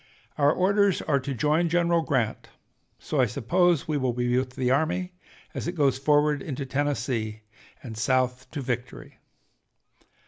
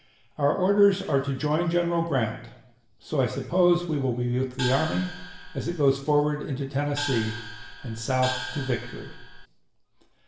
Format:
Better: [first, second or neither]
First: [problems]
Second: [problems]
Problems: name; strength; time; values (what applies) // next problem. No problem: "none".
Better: first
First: none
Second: background sound (Gong); 9 dB below the speech // room echo; dies away in 0.8 s